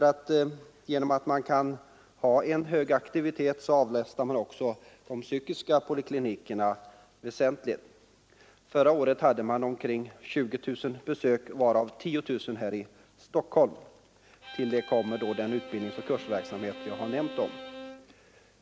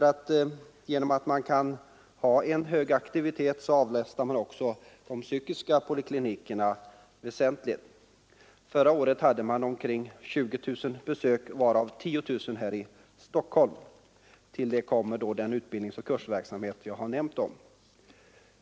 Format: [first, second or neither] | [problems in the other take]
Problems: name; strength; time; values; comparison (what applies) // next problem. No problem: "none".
second | background sound (Bowed string instrument); 14 dB below the speech